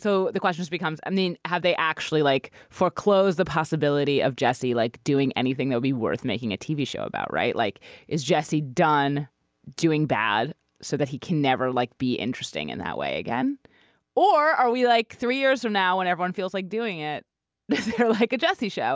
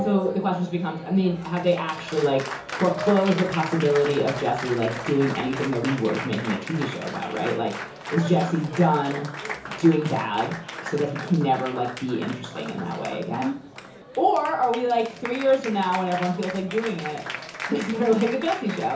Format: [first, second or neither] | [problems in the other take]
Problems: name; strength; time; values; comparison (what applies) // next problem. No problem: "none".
first | background sound (Applause); 10 dB below the speech // room echo; dies away in 0.7 s